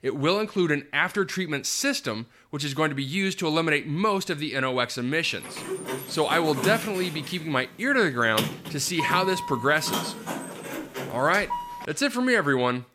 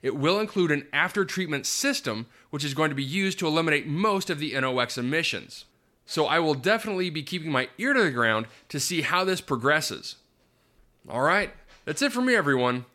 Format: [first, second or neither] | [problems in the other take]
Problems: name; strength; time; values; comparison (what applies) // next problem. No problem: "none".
second | door banging; noticeable; from 5.5 to 12 s; peak 3 dB below the speech